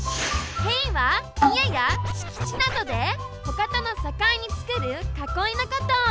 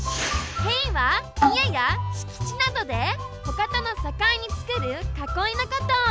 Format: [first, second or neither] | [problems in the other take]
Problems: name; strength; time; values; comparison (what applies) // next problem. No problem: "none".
second | background sound (Scratching (performance technique)); 11 dB below the speech